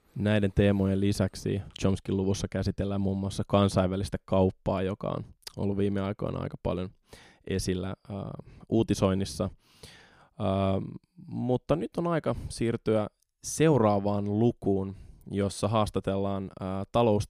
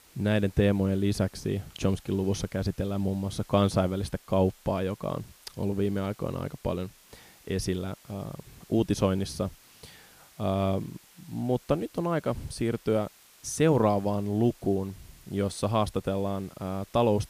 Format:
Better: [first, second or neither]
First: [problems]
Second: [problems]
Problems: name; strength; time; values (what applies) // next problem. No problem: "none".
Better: first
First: none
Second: hiss; faint; throughout; 25 dB below the speech